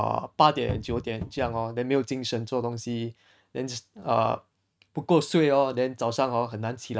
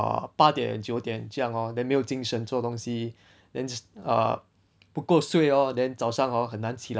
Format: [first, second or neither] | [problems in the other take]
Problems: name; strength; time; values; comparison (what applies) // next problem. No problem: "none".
second | noise reduction (neural mask model RNNoise)